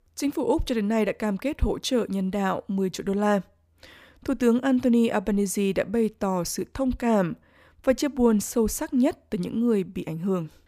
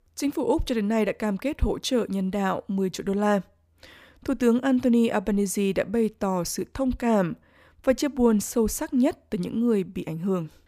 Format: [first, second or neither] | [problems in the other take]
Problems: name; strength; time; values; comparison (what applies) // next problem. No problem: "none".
neither | none